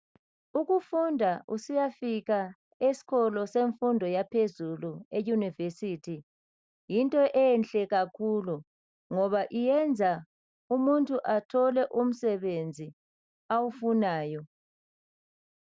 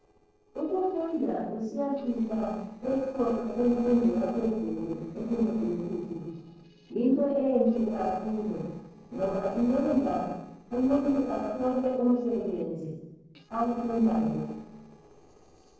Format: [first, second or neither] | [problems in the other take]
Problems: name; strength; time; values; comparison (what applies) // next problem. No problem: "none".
first | noise reduction (neural separator model SepFormer DNS4)